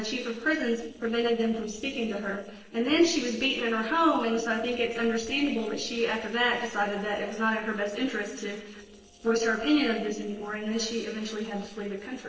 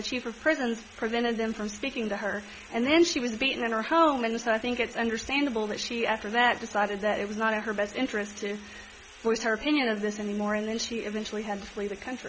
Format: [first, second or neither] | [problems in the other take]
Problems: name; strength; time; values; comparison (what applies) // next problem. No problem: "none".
second | noise reduction (neural separator model SepFormer DNS4)